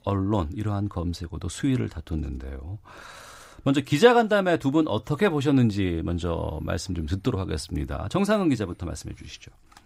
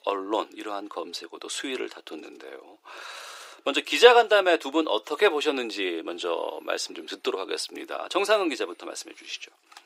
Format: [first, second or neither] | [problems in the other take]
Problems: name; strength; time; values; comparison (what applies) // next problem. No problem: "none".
first | thin; very; fading below 350 Hz